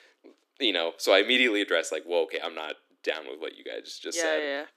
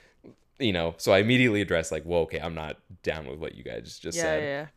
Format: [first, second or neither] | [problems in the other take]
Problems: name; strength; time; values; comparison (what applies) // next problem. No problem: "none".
second | thin; somewhat; fading below 300 Hz